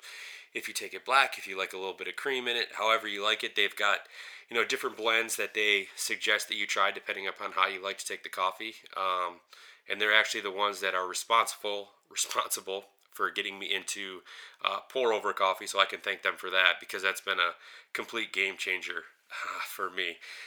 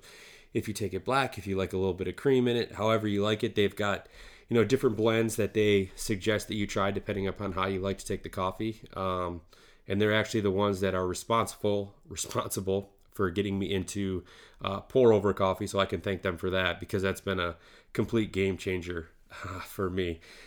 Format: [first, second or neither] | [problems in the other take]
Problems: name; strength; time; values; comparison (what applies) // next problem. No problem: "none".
second | thin; very; fading below 800 Hz